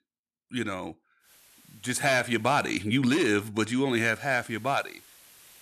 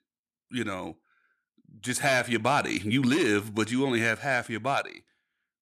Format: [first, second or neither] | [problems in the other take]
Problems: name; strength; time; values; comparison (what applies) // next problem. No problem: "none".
second | hiss; faint; from 1.5 to 2.5 s and from 4 s on; 25 dB below the speech